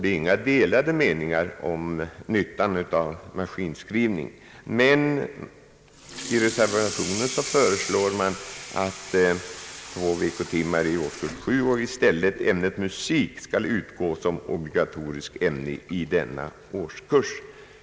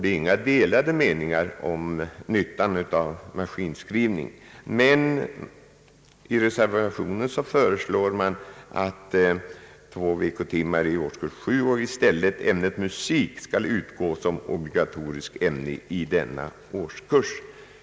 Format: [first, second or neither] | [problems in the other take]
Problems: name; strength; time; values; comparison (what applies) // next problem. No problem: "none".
second | background sound (Sink (filling or washing) / Water tap, faucet); 15 dB below the speech